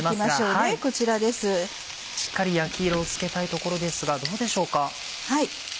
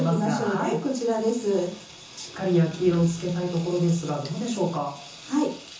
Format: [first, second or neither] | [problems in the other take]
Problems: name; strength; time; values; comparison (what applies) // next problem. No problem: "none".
first | room echo; dies away in 0.6 s